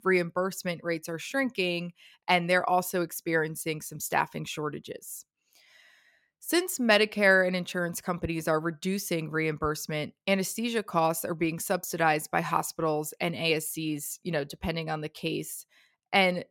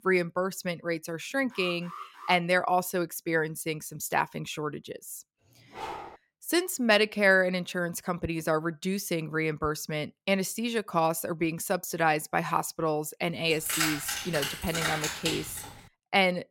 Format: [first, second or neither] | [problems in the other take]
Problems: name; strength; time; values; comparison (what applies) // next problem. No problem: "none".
first | alarm; faint; at 1.5 s; peak 15 dB below the speech // dog barking; faint; at 5.5 s; peak 10 dB below the speech // jangling keys; loud; from 14 to 16 s; peak 1 dB above the speech